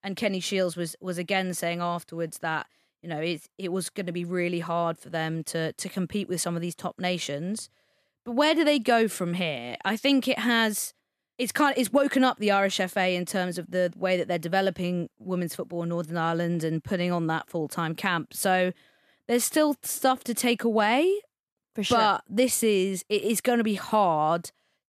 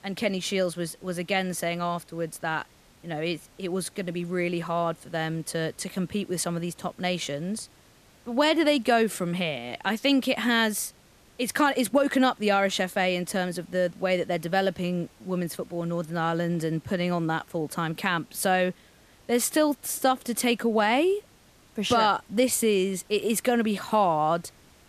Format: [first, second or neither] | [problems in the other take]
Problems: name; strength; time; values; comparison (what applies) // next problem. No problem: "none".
first | hiss; faint; throughout; 30 dB below the speech